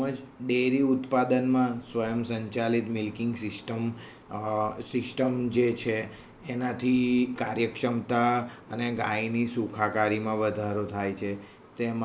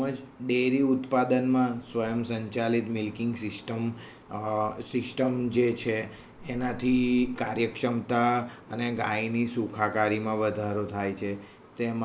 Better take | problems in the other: first | background sound (Meow); 16 dB below the speech

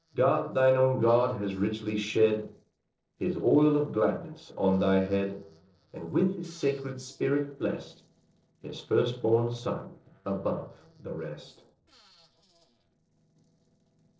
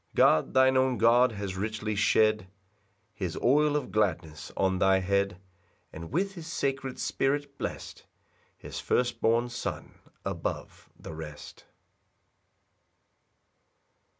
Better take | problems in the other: second | noise reduction (neural separator model SepFormer DNS4)

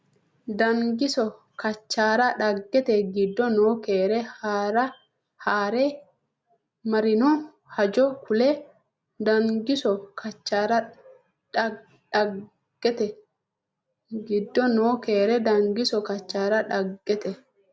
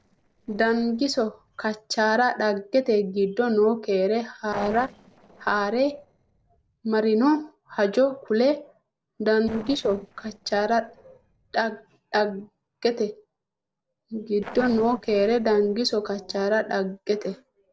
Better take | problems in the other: first | noise reduction (neural separator model SepFormer DNS4)

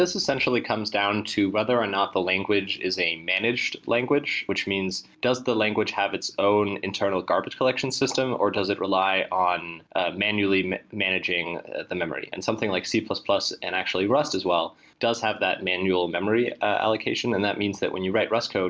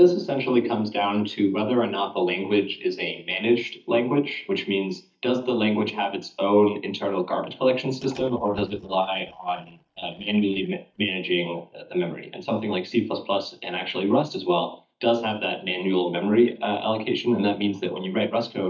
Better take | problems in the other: first | noise reduction (neural mask model DeepFilterNet 3)

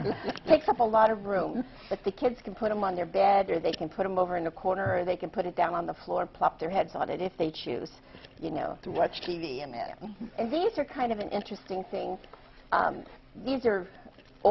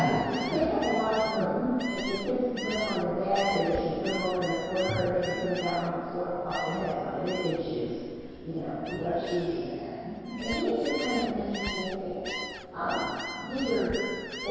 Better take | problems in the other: first | background sound (Gull, seagull); 10 dB below the speech // room echo; dies away in 2 s

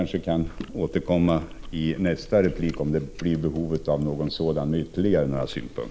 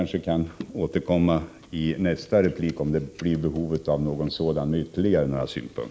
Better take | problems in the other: second | background sound (Chewing, mastication); 15 dB below the speech

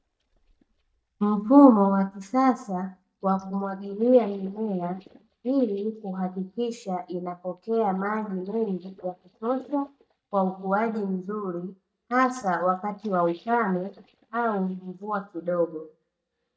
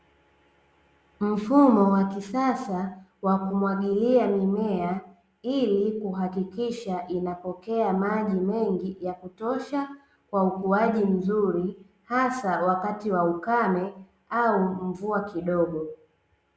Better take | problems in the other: second | noise reduction (neural mask model DeepFilterNet 3)

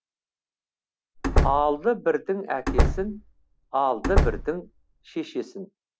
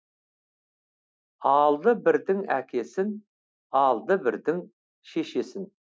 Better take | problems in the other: second | background sound (Slam); 3 dB above the speech

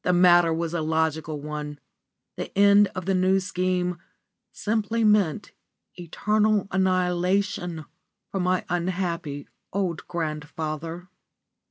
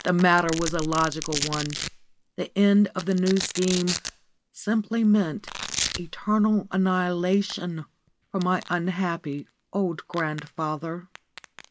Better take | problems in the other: first | background sound (Domestic sounds, home sounds); 11 dB below the speech

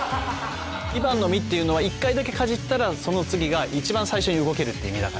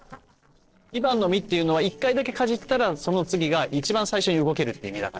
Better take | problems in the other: first | noise reduction (neural separator model SepFormer DNS4)

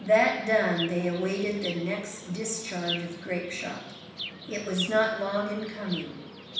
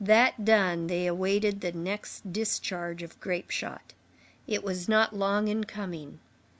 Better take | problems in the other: second | background sound (Chirp, tweet); 11 dB below the speech // room echo; dies away in 0.9 s

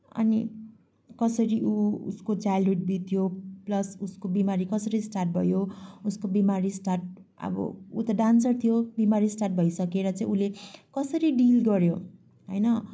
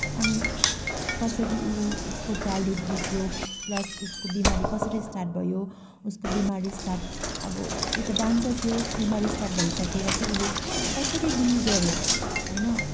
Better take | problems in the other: first | background sound (Knock); 1 dB below the speech

